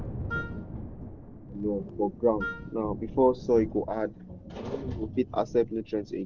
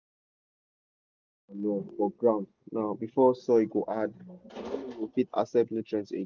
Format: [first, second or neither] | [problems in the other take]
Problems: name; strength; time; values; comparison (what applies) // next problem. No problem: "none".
second | background sound (Thunder + Wind instrument, woodwind instrument); 9 dB below the speech